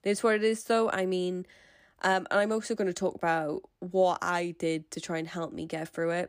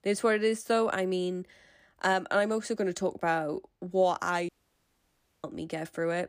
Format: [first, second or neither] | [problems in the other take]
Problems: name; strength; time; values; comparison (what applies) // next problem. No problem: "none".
first | audio cutting out; at 4.5 s for 1 s